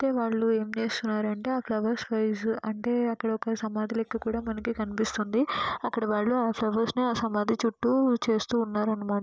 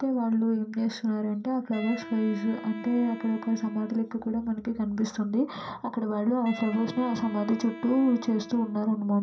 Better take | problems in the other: first | background sound (Wind instrument, woodwind instrument); 17 dB below the speech // room echo; dies away in 0.3 s

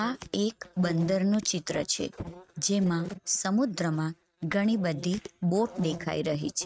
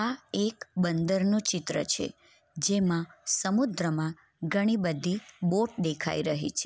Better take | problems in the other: second | noise reduction (neural mask model RNNoise)

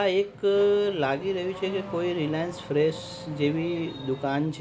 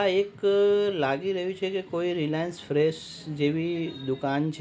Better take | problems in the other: second | background sound (Accelerating, revving, vroom / Car); 15 dB below the speech

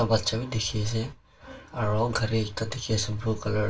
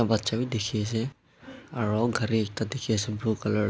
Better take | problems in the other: second | room echo; dies away in 0.2 s

